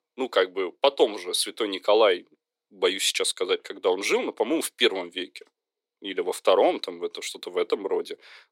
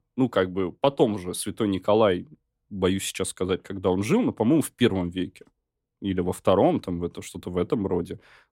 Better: second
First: thin; somewhat; fading below 400 Hz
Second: none

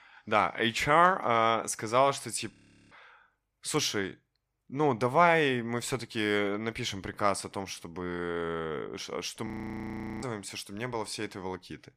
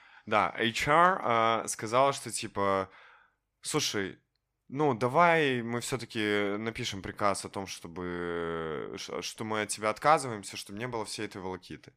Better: second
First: audio freezing; at 2.5 s and at 9.5 s for 1 s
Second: none

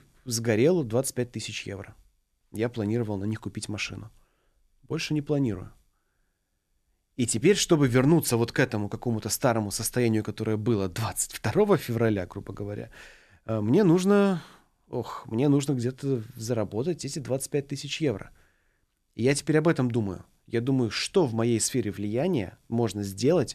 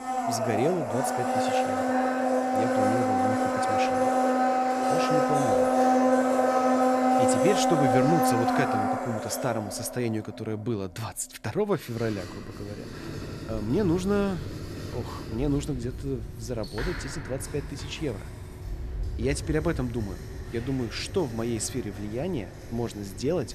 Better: first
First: none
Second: household noises; very loud; throughout; 5 dB above the speech

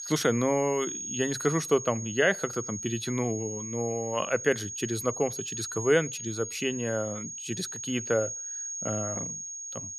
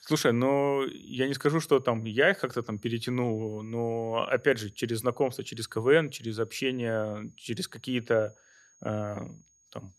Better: second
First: high-pitched whine; loud; throughout; 6.5 kHz, 6 dB below the speech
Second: high-pitched whine; faint; throughout; 6.5 kHz, 30 dB below the speech

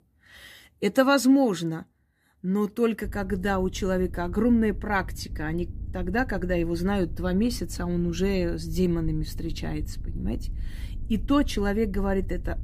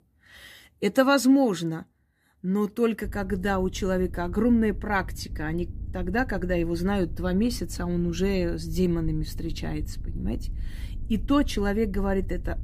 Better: neither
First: low rumble; faint; from 3 s on; 25 dB below the speech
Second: low rumble; faint; from 3 s on; 25 dB below the speech

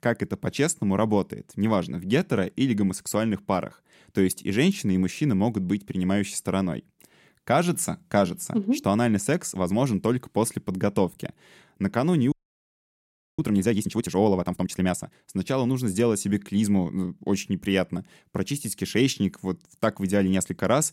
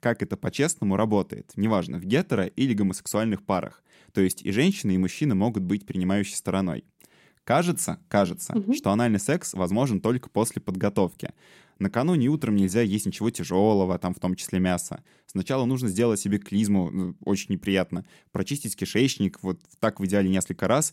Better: second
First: audio freezing; at 12 s for 1 s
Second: none

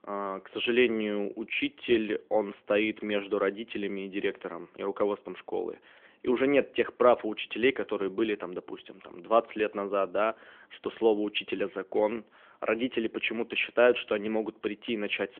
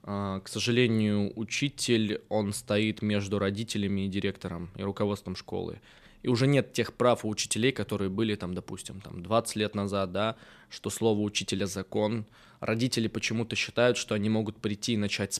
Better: second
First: phone-call audio; nothing above 3.5 kHz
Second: none

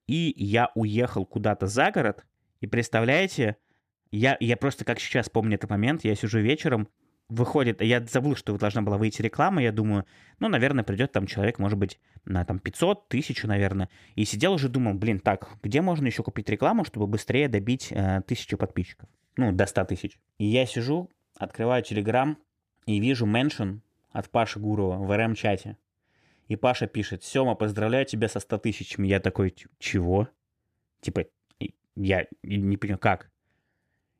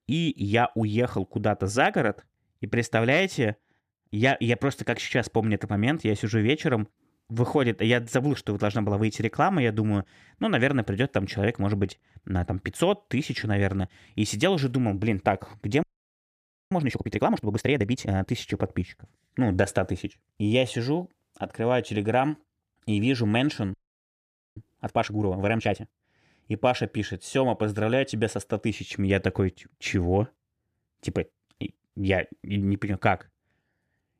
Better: first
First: none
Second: audio freezing; at 16 s for 1 s and at 24 s for 1 s

